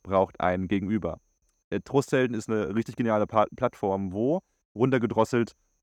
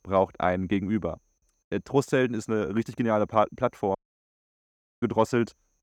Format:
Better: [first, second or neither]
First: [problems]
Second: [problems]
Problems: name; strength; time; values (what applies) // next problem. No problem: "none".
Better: first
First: none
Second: audio cutting out; at 4 s for 1 s